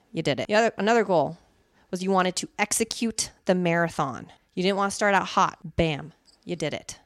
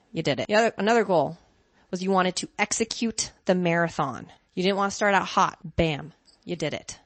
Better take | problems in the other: first | garbled, watery; slightly; nothing above 8 kHz

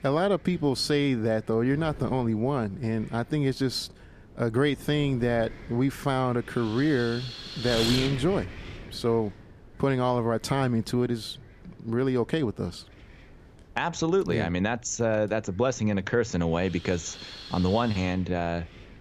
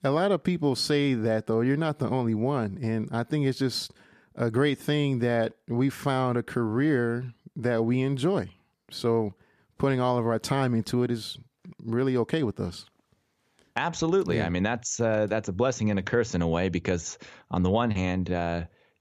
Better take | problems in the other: second | wind noise on the microphone; heavy; 8 dB below the speech

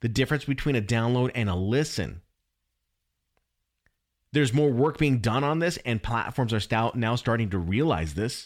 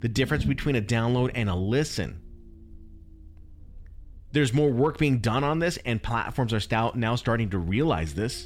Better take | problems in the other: first | low rumble; faint; throughout; 25 dB below the speech

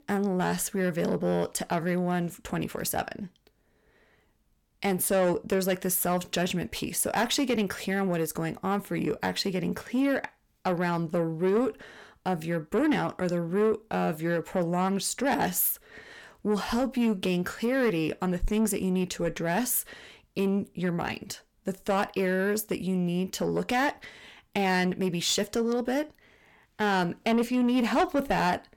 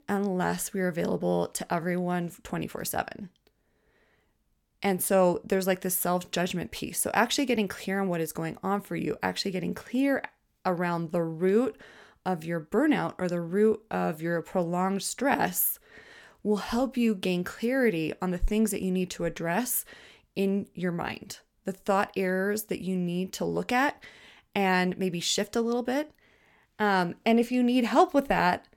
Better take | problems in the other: second | distortion; slight; 10 dB below the speech

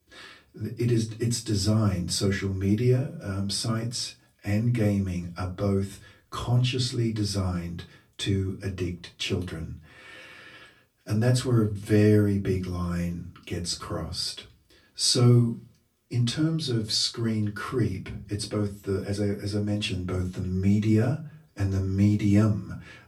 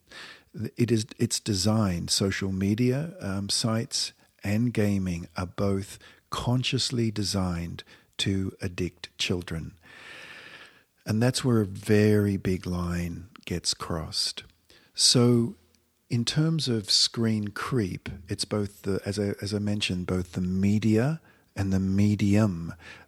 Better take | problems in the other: second | off-mic speech; far // room echo; very slight; dies away in 0.2 s

